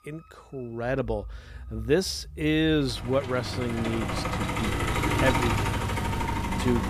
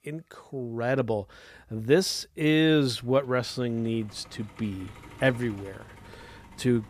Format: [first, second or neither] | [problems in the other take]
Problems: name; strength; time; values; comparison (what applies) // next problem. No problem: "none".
second | traffic noise; loud; throughout; 1 dB below the speech; faint in the second